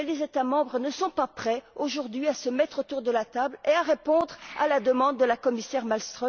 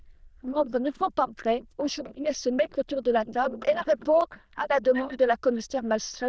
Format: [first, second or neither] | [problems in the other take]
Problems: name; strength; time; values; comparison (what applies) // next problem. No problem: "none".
first | noise reduction (neural diffusion model UNIVERSE++)